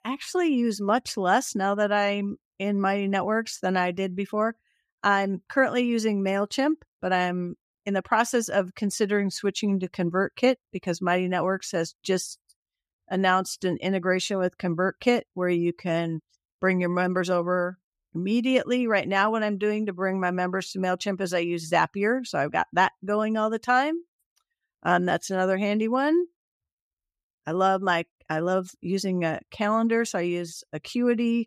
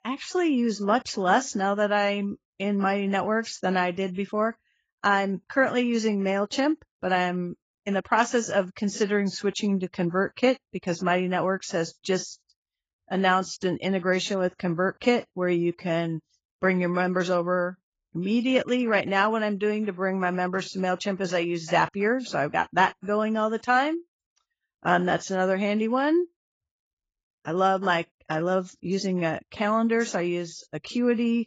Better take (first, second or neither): first